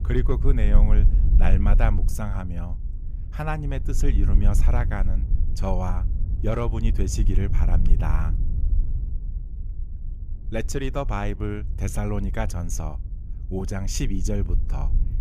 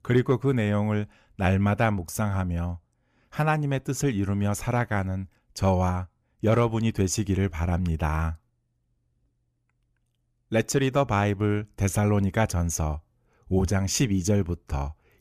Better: second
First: low rumble; noticeable; throughout; 10 dB below the speech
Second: none

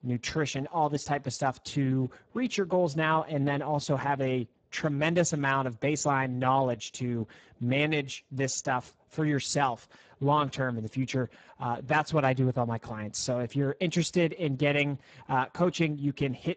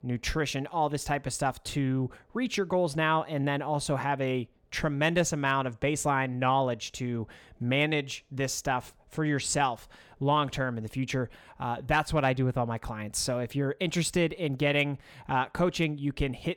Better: second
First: garbled, watery; badly; nothing above 7.5 kHz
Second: none

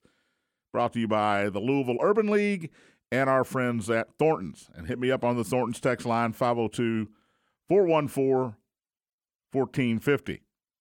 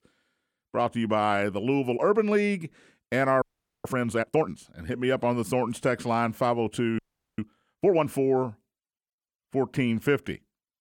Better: first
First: none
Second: audio freezing; at 3.5 s and at 7 s

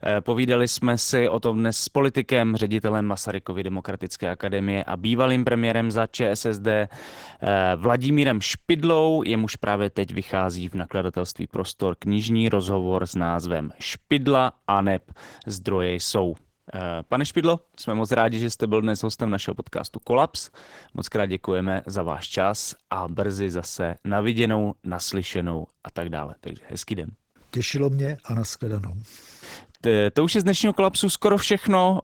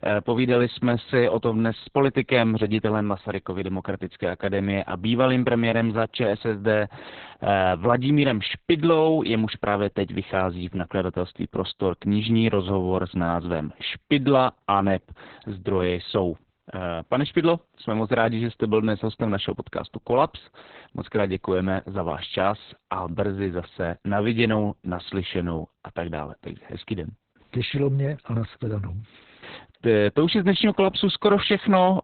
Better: first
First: garbled, watery; slightly; nothing above 18.5 kHz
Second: garbled, watery; badly; nothing above 4 kHz

